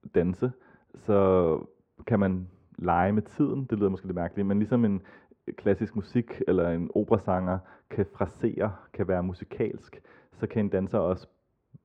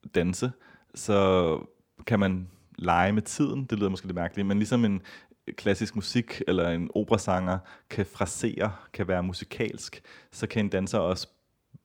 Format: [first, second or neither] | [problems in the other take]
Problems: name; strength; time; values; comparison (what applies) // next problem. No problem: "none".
second | muffled; very; fading above 3 kHz